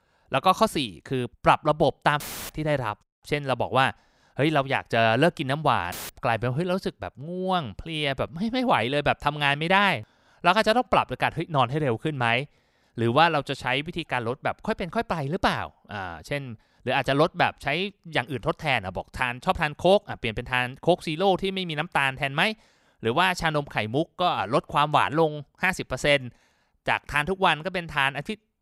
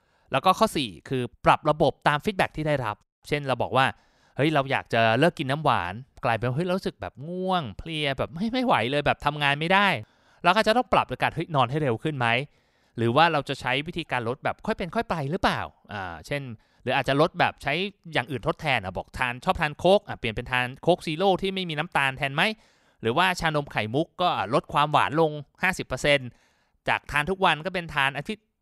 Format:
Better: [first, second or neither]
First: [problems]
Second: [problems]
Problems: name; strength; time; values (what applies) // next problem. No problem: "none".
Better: second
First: audio cutting out; filled with static; at 2 s and at 6 s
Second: none